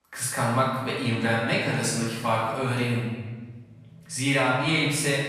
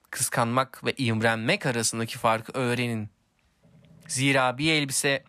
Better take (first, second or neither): second